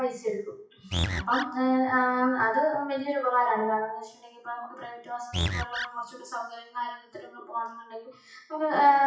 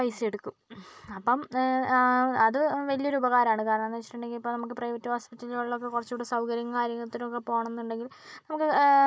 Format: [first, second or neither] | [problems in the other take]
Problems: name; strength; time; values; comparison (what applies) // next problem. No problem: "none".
second | noise reduction (classical method WPE with log-MMSE)